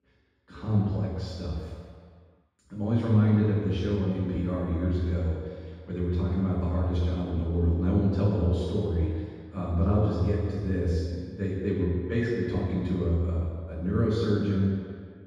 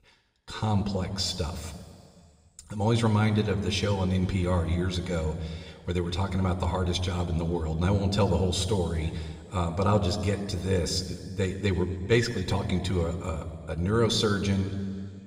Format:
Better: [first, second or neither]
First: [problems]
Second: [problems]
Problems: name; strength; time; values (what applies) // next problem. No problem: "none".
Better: second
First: room echo; strong; dies away in 1.8 s // off-mic speech; far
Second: room echo; slight; dies away in 1.8 s